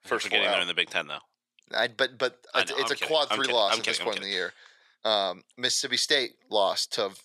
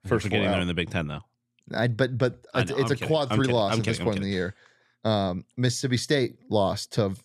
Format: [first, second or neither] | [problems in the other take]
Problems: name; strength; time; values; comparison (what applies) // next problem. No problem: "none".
second | thin; very; fading below 650 Hz